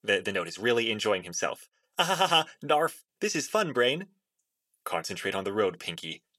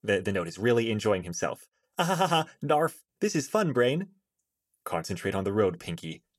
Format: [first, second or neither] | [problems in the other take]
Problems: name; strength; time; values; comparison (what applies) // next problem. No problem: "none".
second | thin; very slightly; fading below 850 Hz